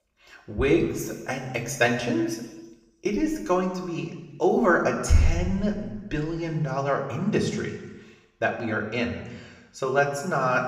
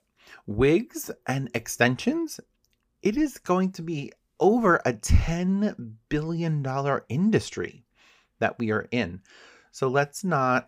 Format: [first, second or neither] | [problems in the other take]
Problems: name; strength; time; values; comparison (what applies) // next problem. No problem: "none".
second | room echo; slight; dies away in 1.1 s // off-mic speech; somewhat distant